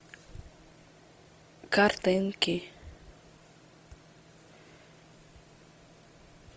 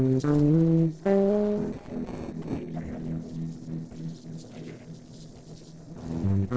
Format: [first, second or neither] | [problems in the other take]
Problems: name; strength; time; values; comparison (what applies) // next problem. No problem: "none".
first | noise reduction (neural separator model SepFormer DNS4)